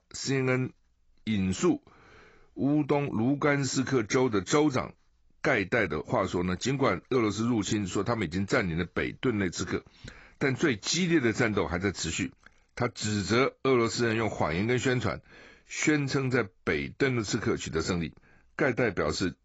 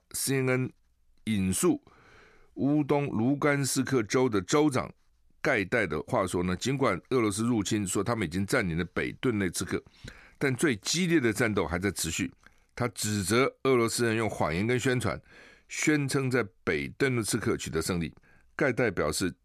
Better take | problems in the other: second | garbled, watery; badly; nothing above 7.5 kHz

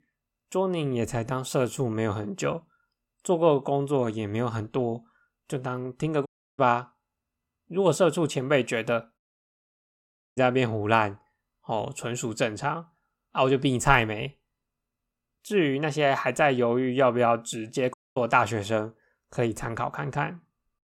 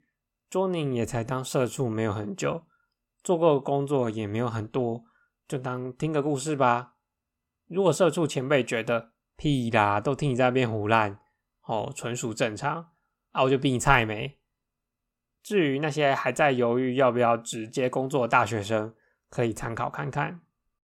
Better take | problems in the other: second | audio cutting out; at 6.5 s, at 9 s for 1 s and at 18 s

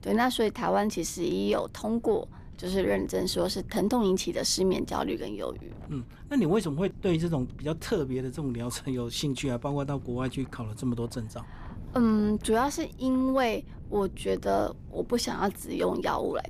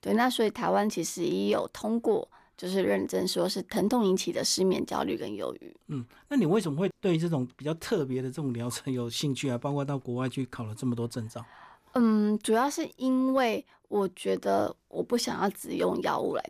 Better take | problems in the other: second | wind noise on the microphone; occasional gusts; 25 dB below the speech

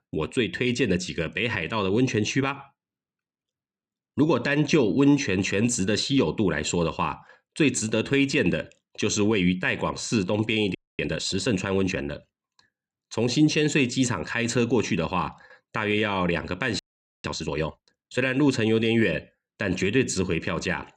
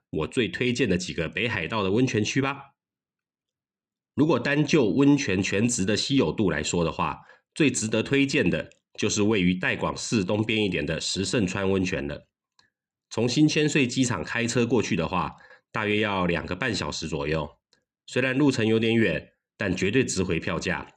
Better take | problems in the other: second | audio freezing; at 11 s and at 17 s

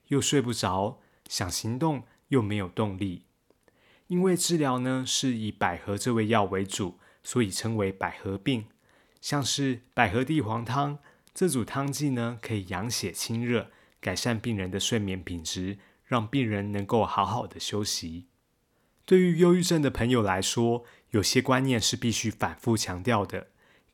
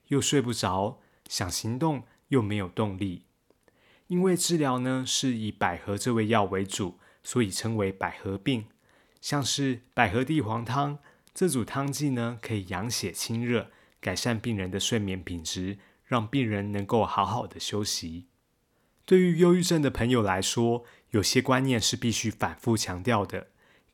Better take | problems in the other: neither | none

